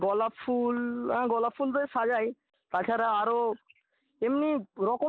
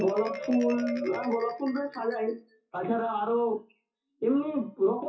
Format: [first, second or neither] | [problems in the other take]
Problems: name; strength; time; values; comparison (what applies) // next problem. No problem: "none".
first | noise reduction (classical method WPE with log-MMSE)